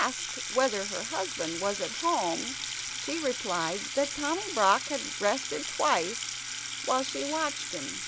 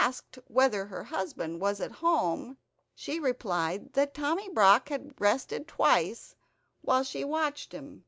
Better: second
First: background sound (Sink (filling or washing) / Water tap, faucet); 5 dB below the speech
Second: none

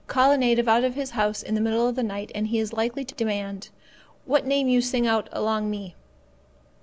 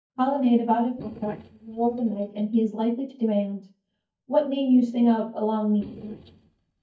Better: first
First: none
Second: noise reduction (neural mask model DeepFilterNet 3)

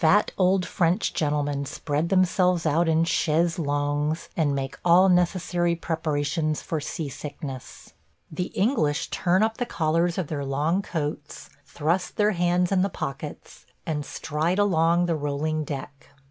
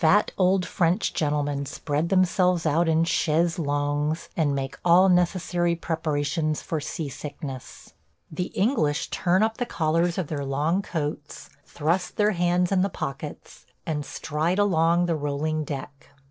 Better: first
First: none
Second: noise reduction (neural separator model SepFormer DNS4)

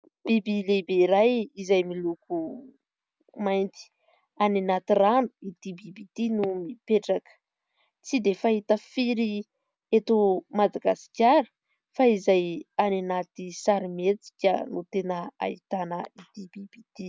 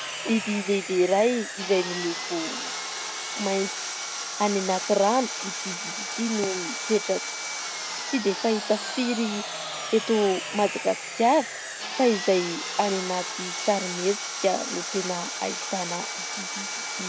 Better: first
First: none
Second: background sound (Sawing); 6 dB below the speech

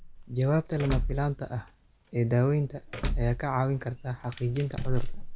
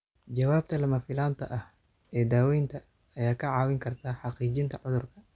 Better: second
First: background sound (Door / Car + Fire); 4 dB below the speech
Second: none

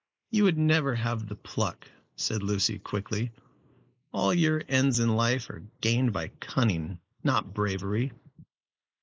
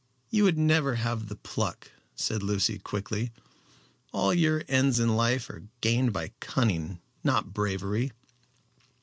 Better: second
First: noise reduction (neural mask model Resemble Enhance denoiser)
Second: none

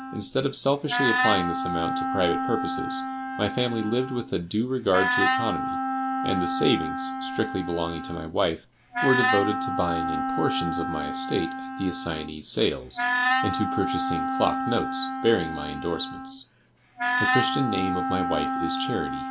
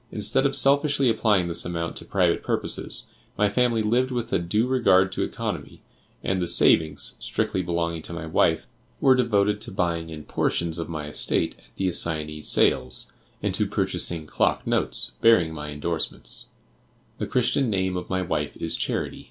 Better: second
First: background sound (Wind instrument, woodwind instrument); as loud as the speech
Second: none

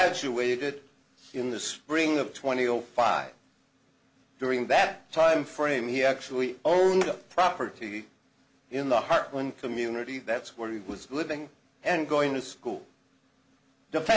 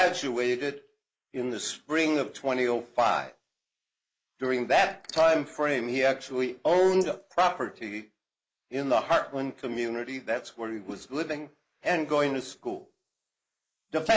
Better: first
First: none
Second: noise reduction (neural mask model Resemble Enhance denoiser)

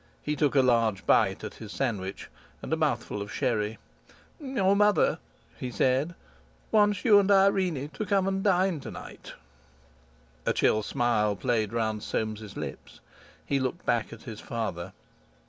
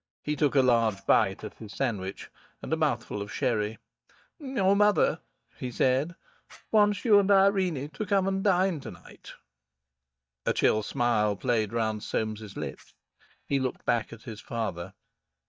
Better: first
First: none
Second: noise reduction (neural mask model DeepFilterNet 3)

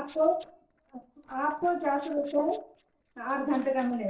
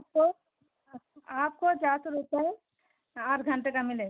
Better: second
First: noise reduction (neural separator model SepFormer DNS4)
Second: none

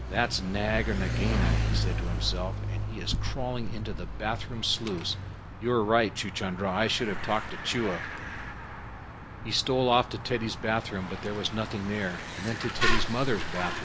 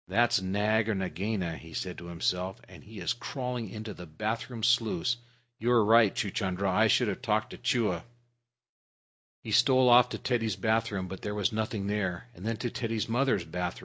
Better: second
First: background sound (Mechanisms / Bicycle); 1 dB below the speech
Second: none

